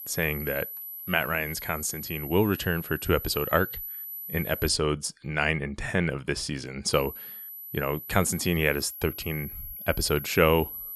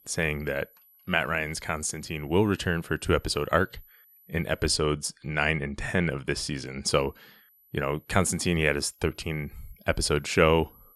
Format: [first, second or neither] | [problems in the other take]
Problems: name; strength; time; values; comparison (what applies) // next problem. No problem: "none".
second | high-pitched whine; loud; until 4.5 s and from 7 s on; 12 kHz, 9 dB below the speech; faint in the second